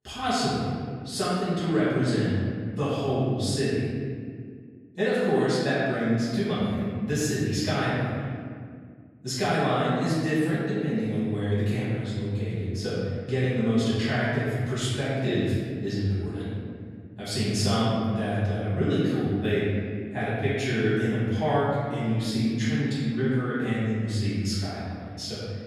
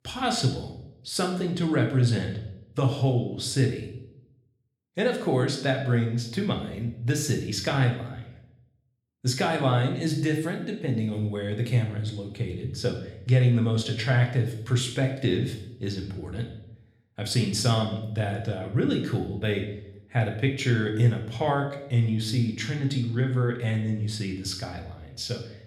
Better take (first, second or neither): second